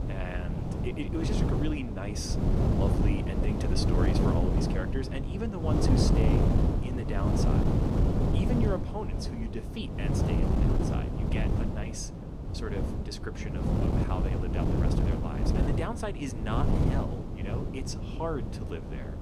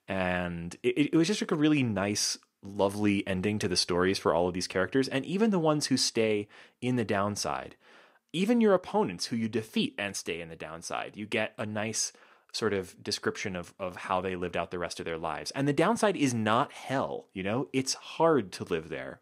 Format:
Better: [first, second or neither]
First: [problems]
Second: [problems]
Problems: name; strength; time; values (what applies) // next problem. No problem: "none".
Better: second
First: wind noise on the microphone; heavy; 2 dB above the speech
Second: none